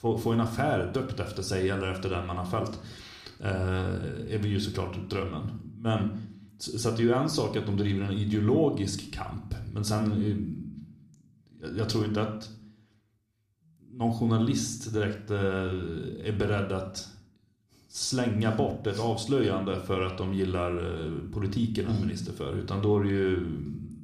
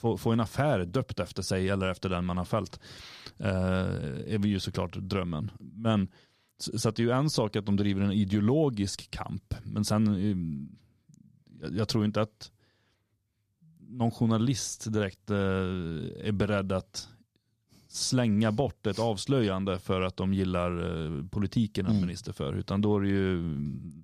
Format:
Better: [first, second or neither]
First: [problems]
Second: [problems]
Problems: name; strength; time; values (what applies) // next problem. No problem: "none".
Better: second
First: room echo; slight; dies away in 0.5 s // off-mic speech; somewhat distant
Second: none